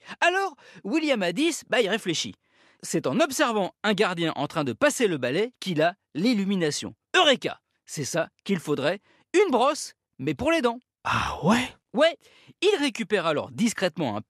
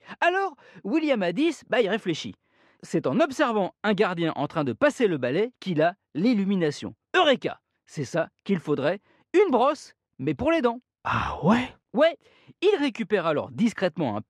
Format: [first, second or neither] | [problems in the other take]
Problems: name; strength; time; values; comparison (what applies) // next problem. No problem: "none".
first | muffled; slightly; fading above 2 kHz